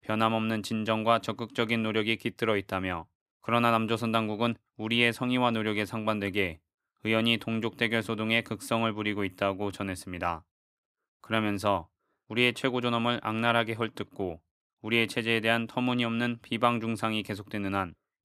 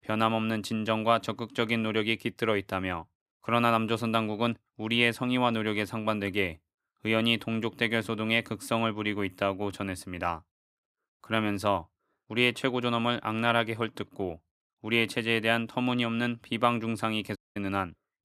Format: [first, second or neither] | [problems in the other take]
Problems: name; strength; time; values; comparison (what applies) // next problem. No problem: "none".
first | audio cutting out; at 17 s